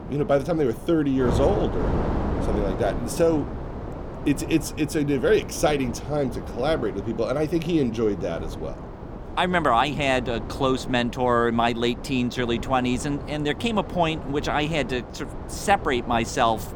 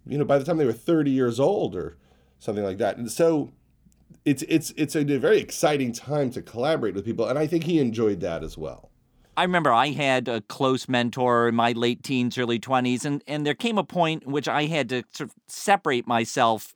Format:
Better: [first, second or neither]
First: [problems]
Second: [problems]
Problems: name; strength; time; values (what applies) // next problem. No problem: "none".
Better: second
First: wind noise on the microphone; occasional gusts; 10 dB below the speech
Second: none